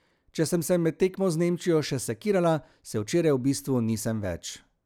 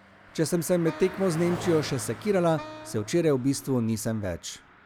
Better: first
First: none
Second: background sound (Wind instrument, woodwind instrument + Car passing by); 15 dB below the speech

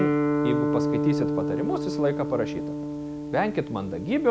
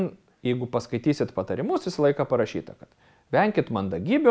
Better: second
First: background sound (Guitar); 1 dB above the speech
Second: none

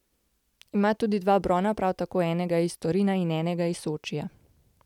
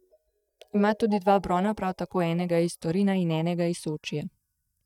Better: first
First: none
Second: noise reduction (neural mask model DeepFilterNet 3)

